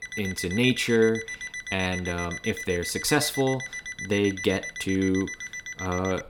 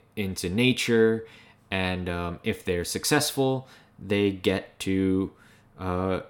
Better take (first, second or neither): second